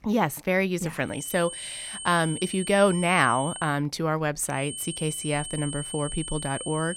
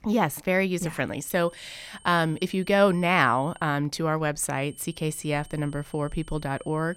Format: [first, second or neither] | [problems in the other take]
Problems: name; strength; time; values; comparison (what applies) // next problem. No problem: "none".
second | high-pitched whine; loud; from 1 to 3.5 s and from 4.5 s on; 8.5 kHz, 8 dB below the speech; faint in the second